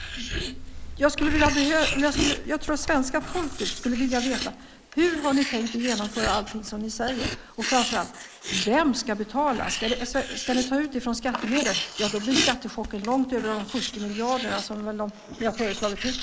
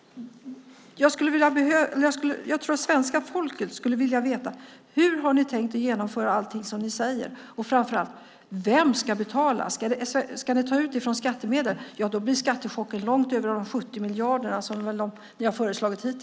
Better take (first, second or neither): second